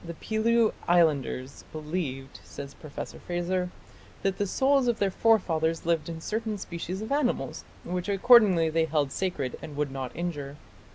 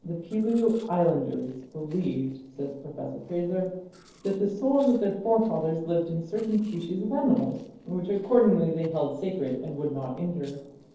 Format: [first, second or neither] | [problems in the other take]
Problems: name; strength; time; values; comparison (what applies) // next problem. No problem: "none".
first | noise reduction (neural separator model SepFormer DNS4)